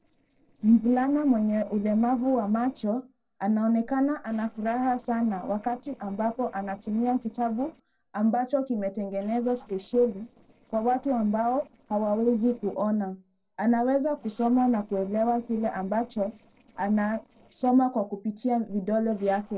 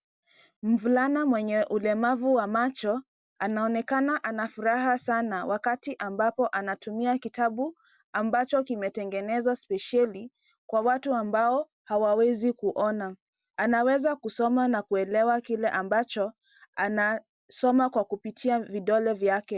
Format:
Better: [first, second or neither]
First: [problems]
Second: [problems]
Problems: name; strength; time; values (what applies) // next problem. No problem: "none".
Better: second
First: noise reduction (neural separator model SepFormer DNS4)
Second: none